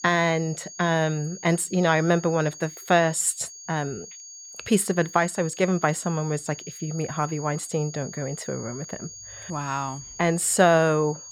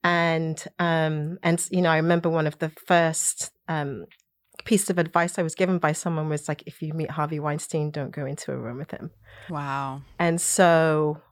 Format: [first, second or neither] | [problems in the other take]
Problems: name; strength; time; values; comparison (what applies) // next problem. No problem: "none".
second | high-pitched whine; noticeable; throughout; 6.5 kHz, 15 dB below the speech